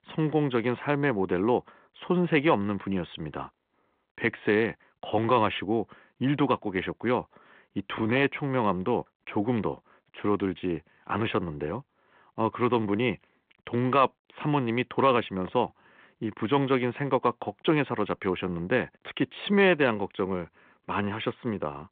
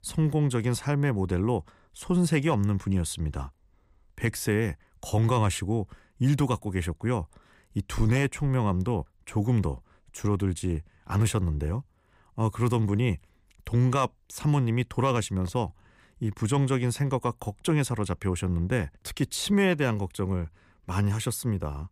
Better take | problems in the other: second | phone-call audio

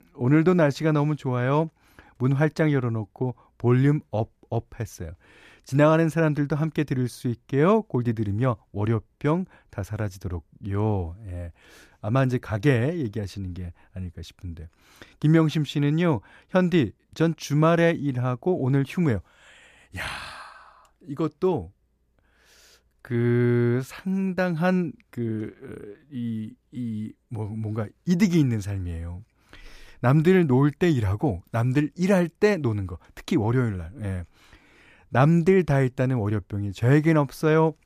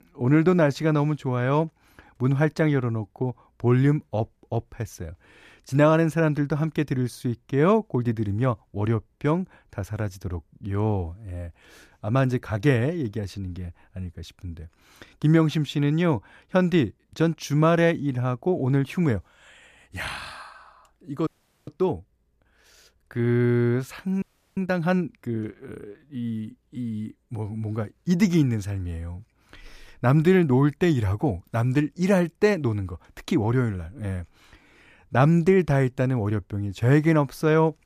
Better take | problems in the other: first | audio freezing; at 21 s and at 24 s

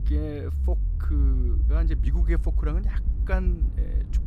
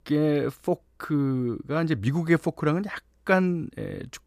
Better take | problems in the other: second | low rumble; loud; throughout; 7 dB below the speech

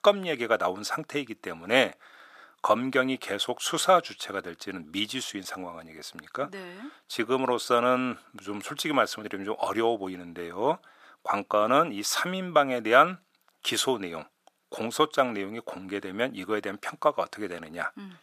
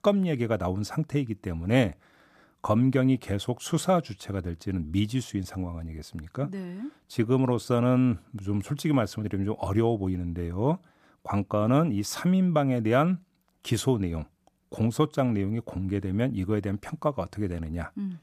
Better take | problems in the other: second | thin; somewhat; fading below 500 Hz

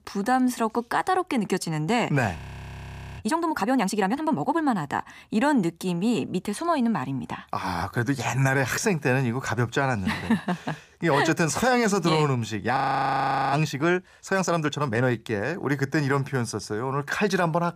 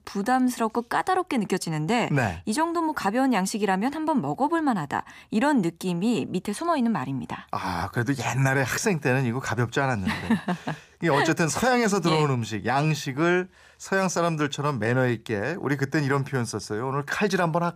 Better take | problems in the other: second | audio freezing; at 2.5 s for 1 s and at 13 s for 1 s

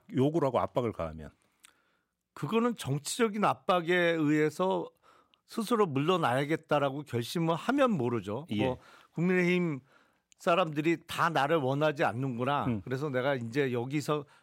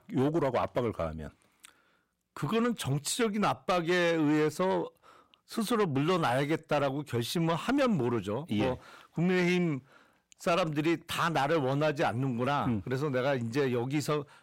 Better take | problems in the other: first | distortion; slight; 10 dB below the speech

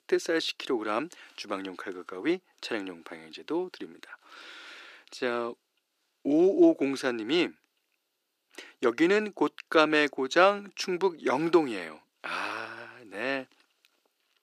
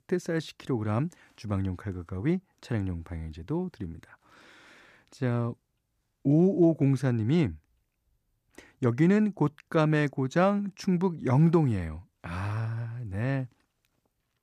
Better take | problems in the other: second | thin; very; fading below 350 Hz

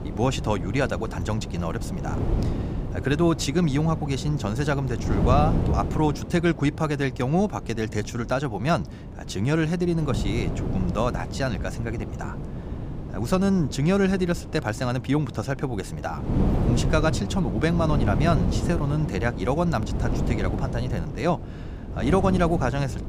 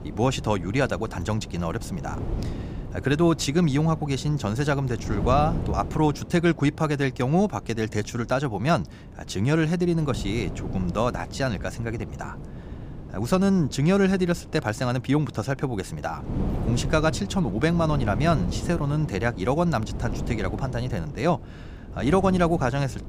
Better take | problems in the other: second | wind noise on the microphone; heavy; 9 dB below the speech; occasional gusts in the second

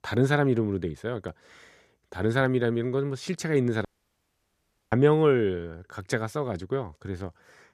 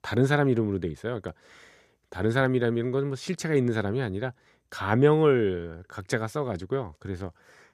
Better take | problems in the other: second | audio cutting out; at 4 s for 1 s

